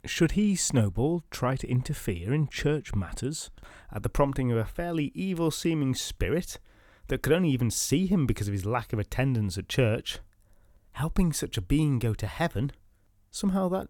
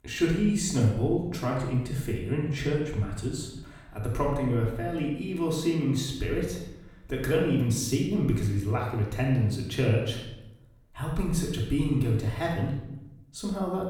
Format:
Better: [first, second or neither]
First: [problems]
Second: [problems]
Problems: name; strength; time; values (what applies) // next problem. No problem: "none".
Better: first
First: none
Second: off-mic speech; far // room echo; noticeable; dies away in 0.8 s